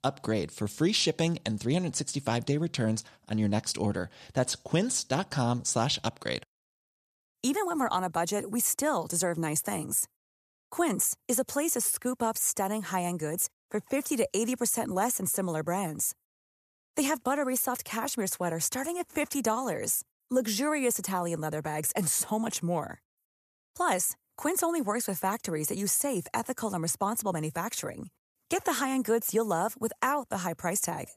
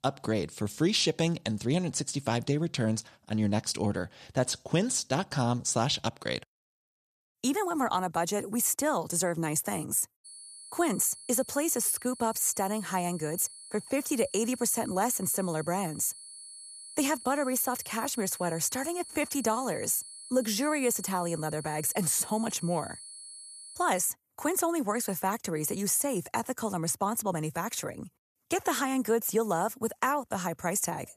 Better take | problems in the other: first | high-pitched whine; noticeable; from 10 to 24 s; 10.5 kHz, 15 dB below the speech

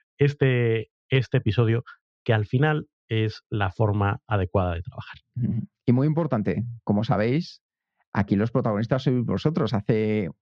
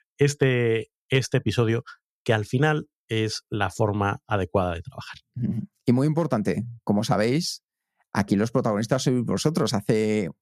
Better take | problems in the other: second | muffled; slightly; fading above 4 kHz

